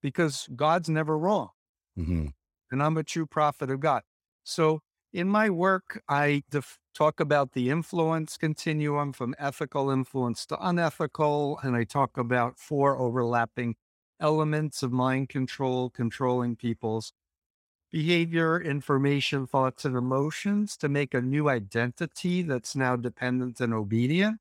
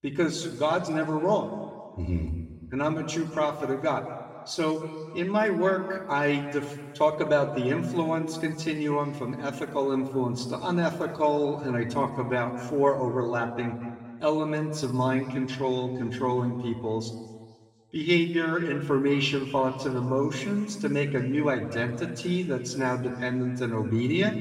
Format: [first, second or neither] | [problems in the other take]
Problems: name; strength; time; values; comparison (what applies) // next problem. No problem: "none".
first | room echo; noticeable; dies away in 1.6 s // off-mic speech; far